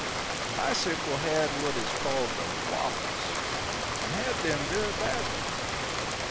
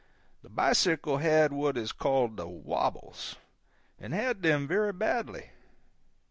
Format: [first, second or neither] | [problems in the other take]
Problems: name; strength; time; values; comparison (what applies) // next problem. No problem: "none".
second | background sound (Rain); 2 dB above the speech